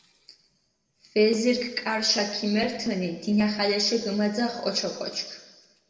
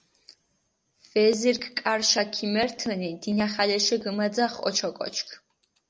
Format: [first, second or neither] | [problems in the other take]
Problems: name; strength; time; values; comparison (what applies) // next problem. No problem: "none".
second | room echo; dies away in 1.2 s